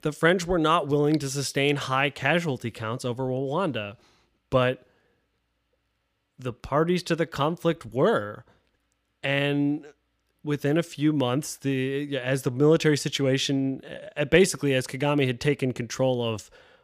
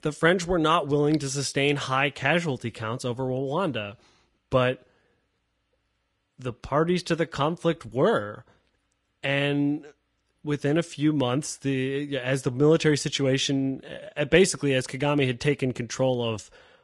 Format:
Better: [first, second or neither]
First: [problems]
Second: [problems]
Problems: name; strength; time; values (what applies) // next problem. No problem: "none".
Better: first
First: none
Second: garbled, watery; slightly; nothing above 10.5 kHz